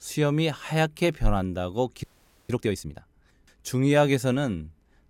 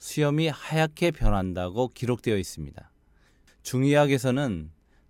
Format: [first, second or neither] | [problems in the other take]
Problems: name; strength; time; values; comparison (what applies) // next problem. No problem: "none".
second | audio freezing; at 2 s